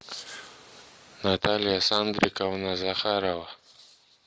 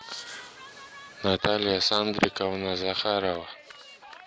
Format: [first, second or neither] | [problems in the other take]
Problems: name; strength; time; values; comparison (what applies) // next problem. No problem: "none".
first | background sound (Cheering); 19 dB below the speech